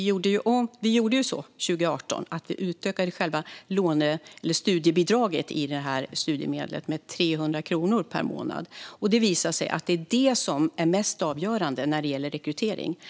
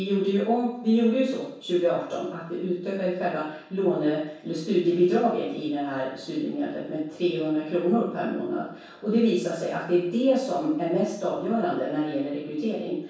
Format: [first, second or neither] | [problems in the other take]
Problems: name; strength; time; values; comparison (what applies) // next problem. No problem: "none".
first | room echo; dies away in 0.7 s